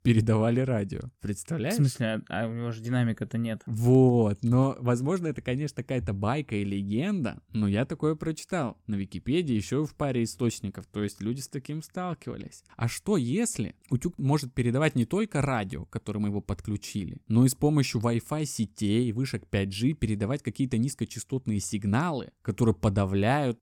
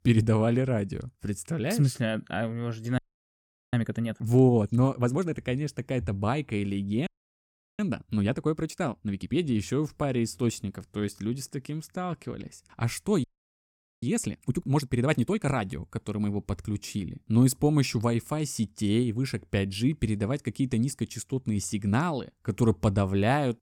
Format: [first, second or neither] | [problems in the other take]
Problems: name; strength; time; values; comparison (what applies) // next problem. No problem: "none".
first | audio freezing; at 3 s for 1 s, at 7 s for 0.5 s and at 13 s for 1 s